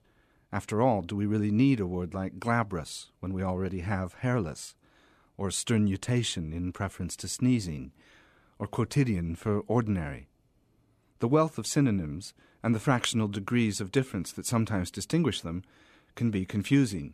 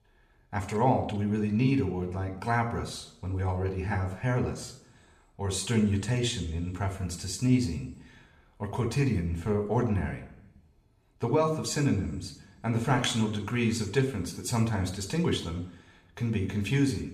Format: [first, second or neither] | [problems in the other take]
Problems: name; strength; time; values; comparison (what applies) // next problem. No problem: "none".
first | room echo; slight; dies away in 0.6 s